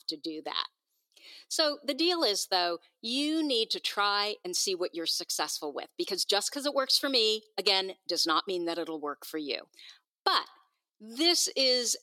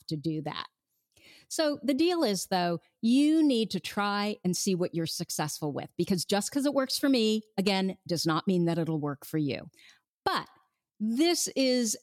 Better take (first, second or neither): second